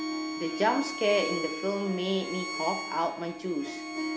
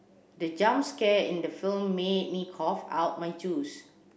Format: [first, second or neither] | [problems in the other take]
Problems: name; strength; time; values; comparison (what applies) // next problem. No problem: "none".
second | background sound (Harp + Bowed string instrument); 5 dB below the speech